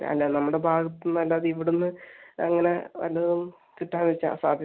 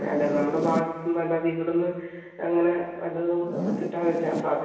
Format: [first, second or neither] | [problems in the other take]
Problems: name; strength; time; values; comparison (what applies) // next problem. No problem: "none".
first | background sound (Zipper (clothing)); 7 dB below the speech // room echo; dies away in 1.2 s